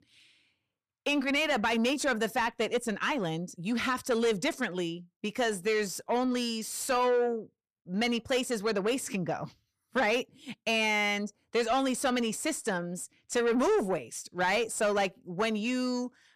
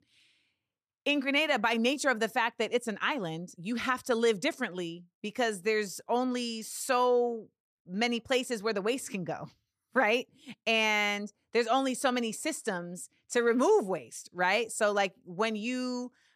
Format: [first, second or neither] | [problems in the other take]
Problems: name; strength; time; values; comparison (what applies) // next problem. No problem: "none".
second | distortion; slight; 10 dB below the speech